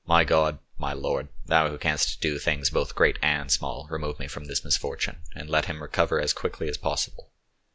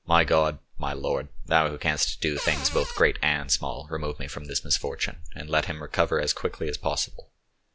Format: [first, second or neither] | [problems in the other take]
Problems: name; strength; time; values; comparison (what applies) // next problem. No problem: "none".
first | background sound (Cupboard open or close); 8 dB below the speech